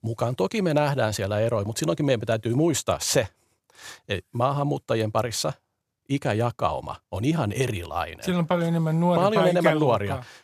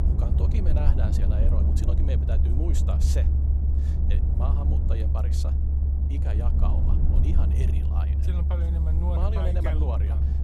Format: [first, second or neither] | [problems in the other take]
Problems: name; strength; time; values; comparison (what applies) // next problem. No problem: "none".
first | low rumble; loud; throughout; 1 dB below the speech